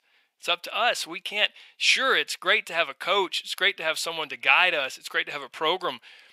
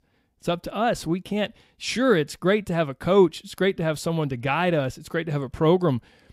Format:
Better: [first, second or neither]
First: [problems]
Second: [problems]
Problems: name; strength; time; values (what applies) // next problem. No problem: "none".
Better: second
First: thin; very; fading below 850 Hz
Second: none